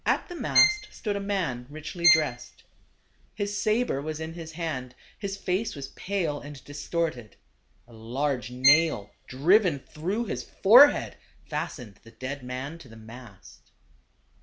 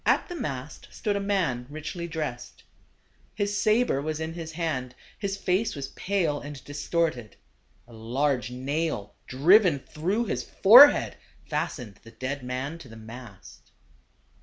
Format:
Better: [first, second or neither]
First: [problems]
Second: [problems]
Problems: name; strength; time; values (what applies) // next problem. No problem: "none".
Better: second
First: background sound (Bowed string instrument); 1 dB below the speech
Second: none